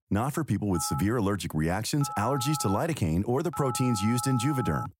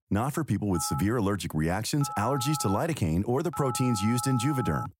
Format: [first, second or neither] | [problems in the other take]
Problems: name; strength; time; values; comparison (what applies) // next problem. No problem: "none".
neither | phone ringing; noticeable; from 0.5 s on; peak 7 dB below the speech; the same in both